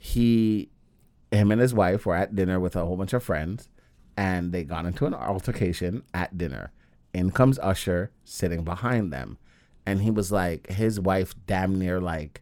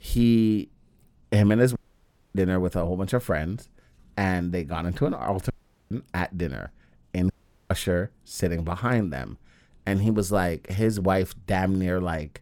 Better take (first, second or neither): first